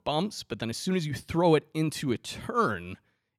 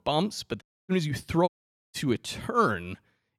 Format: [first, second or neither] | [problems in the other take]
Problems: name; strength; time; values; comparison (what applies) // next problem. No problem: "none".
first | audio cutting out; at 0.5 s and at 1.5 s